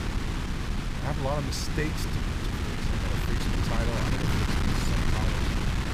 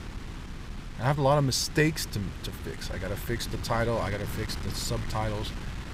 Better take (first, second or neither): second